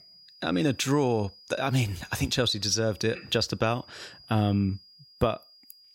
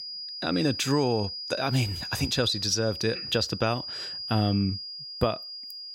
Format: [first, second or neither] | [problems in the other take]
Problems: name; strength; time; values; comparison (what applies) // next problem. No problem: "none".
first | high-pitched whine; loud; throughout; 5 kHz, 7 dB below the speech; faint in the first